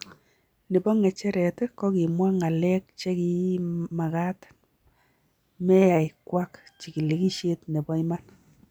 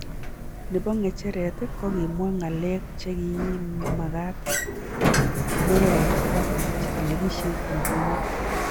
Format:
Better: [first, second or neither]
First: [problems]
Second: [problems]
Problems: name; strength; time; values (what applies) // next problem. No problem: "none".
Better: first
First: none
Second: background sound (Sliding door); 2 dB above the speech